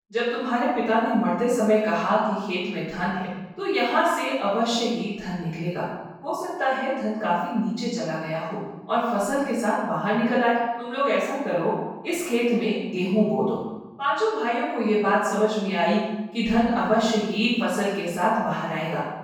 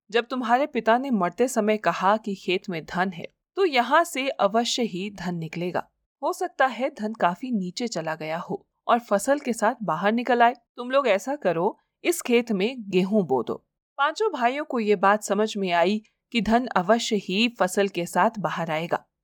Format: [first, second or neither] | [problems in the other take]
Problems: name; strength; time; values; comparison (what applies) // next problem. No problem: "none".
second | off-mic speech; far // room echo; strong; dies away in 0.9 s